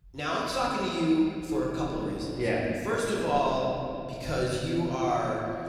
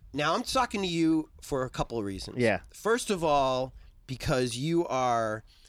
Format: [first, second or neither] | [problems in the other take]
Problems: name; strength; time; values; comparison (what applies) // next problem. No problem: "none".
second | room echo; noticeable; dies away in 2.6 s // off-mic speech; far